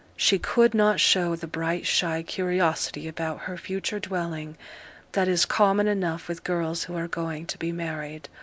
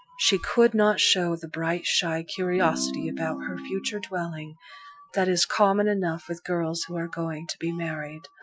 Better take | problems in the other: first | noise reduction (classical method Wiener filter)

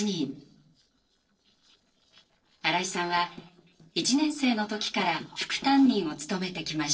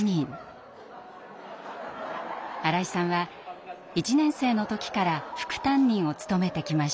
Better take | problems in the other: second | noise reduction (neural separator model SepFormer DNS4)

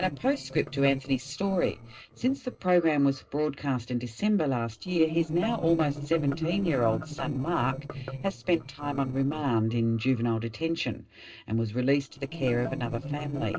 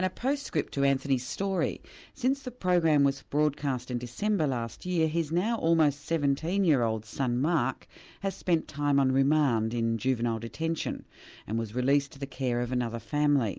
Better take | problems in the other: second | noise reduction (neural separator model SepFormer DNS4)

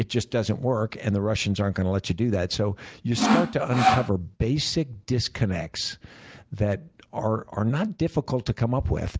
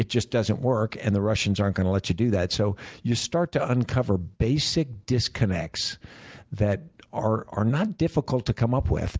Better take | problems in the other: second | background sound (Sawing); 3 dB above the speech

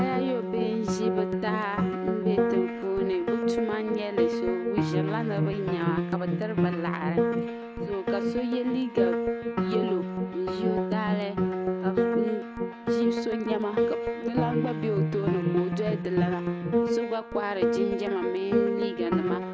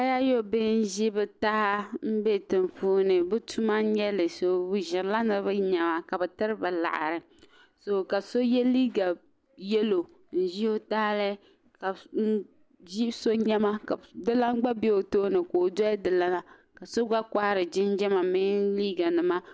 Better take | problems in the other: second | background sound (Piano); 3 dB above the speech

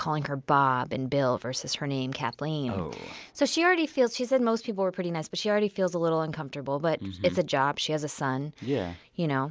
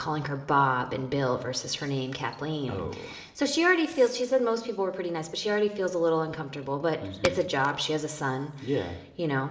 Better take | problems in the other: first | background sound (Fireworks); 20 dB below the speech // room echo; dies away in 1.2 s

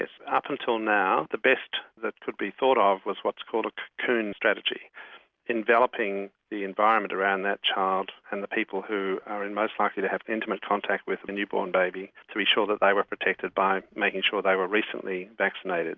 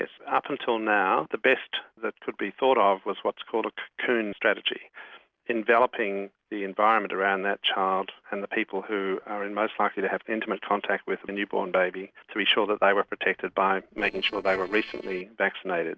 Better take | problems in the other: first | noise reduction (neural separator model SepFormer DNS4)

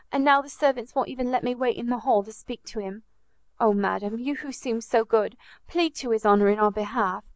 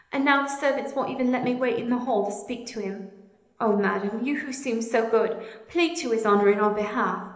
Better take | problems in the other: first | room echo; dies away in 1 s

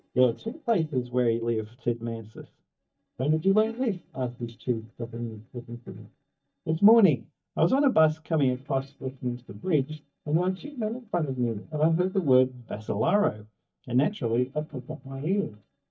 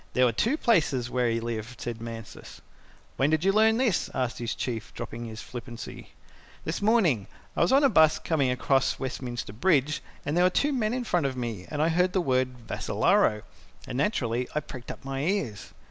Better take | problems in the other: second | noise reduction (neural mask model DeepFilterNet 3)

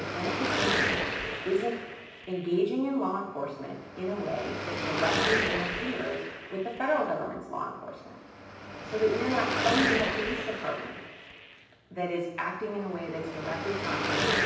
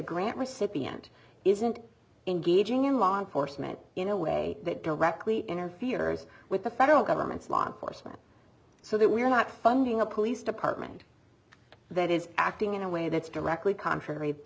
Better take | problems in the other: second | background sound (Car passing by / Traffic noise, roadway noise / Engine); 1 dB below the speech // room echo; dies away in 0.9 s

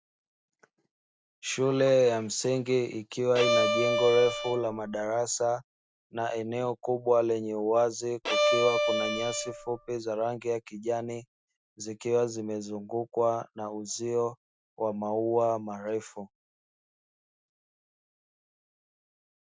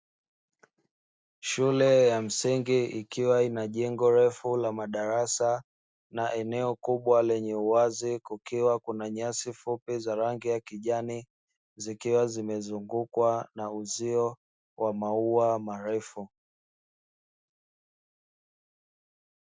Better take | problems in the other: second | background sound (Bowed string instrument); 2 dB above the speech

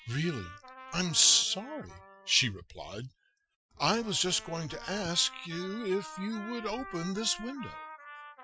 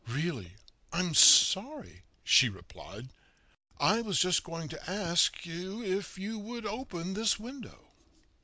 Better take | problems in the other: second | noise reduction (classical method Wiener filter)

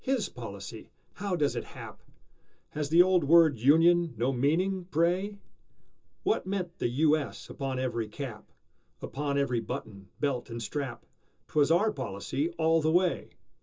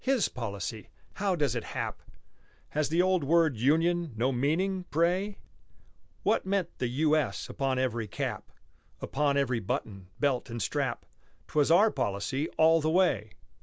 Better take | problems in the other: second | room echo; dies away in 0.2 s

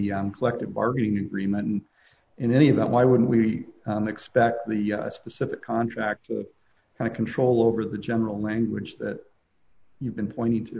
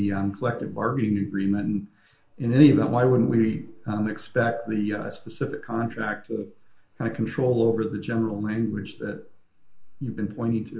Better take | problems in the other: first | room echo; dies away in 0.2 s

